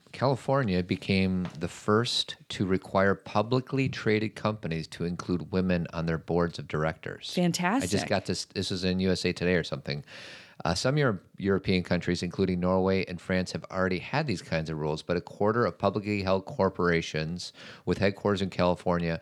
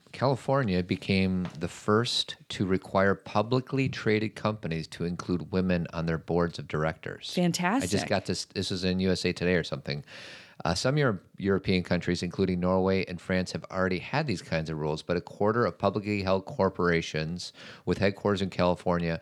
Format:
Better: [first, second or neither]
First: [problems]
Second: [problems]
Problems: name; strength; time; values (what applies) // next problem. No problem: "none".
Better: neither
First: none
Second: none